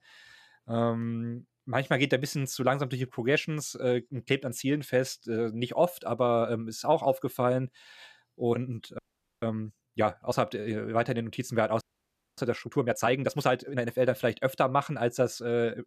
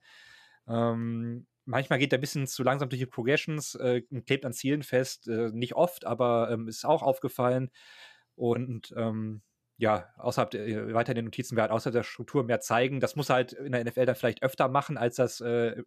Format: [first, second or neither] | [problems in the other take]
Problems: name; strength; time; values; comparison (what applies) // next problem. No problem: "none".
second | audio freezing; at 9 s and at 12 s for 0.5 s